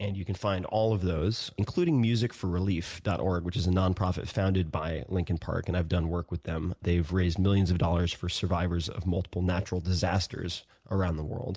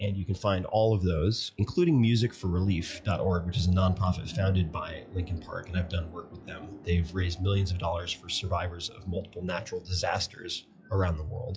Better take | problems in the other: first | noise reduction (classical method log-MMSE)

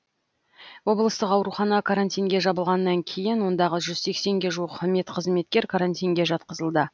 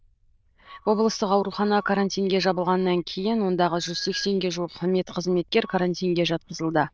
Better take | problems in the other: first | noise reduction (neural diffusion model UNIVERSE++)

